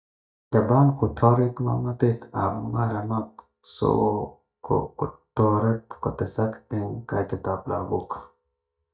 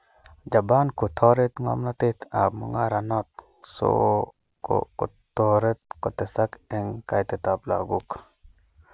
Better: second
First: noise reduction (neural mask model DeepFilterNet 3)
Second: none

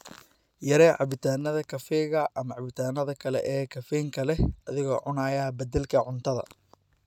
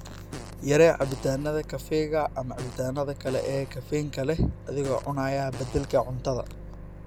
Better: first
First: none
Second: background sound (Microwave oven + Fart); 12 dB below the speech

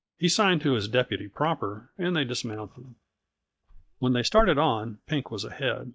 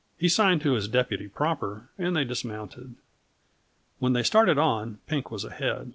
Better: second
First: noise reduction (neural mask model DeepFilterNet 3)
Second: none

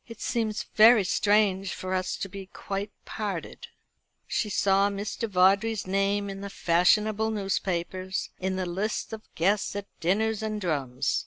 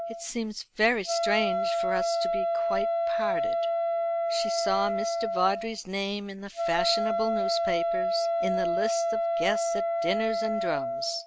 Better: first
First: none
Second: background sound (Wind instrument, woodwind instrument); 4 dB above the speech

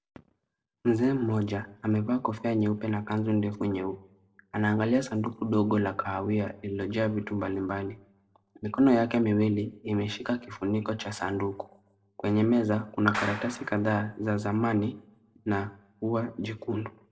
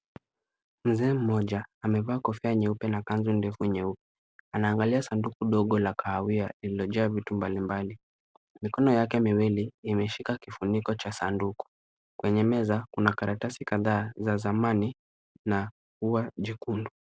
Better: second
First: background sound (Clapping); 11 dB below the speech // room echo; dies away in 0.3 s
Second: none

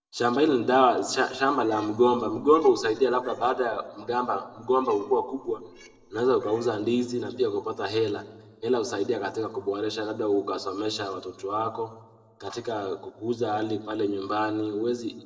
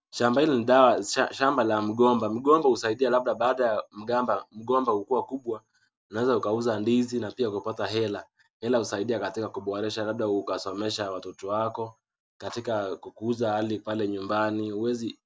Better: second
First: noise reduction (neural separator model SepFormer DNS4)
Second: none

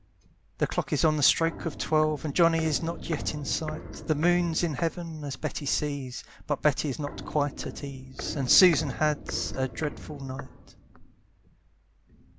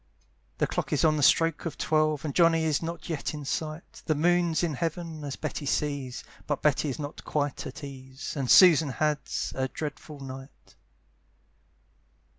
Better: second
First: background sound (Walk, footsteps); 12 dB below the speech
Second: none

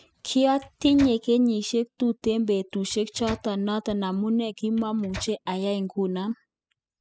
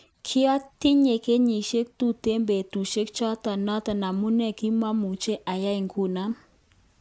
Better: second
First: noise reduction (classical method spectral subtraction)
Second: none

